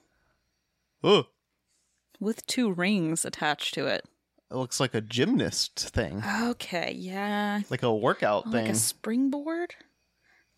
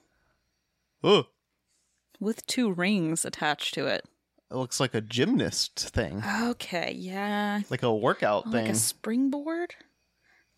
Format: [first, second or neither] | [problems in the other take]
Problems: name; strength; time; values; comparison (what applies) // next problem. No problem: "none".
neither | none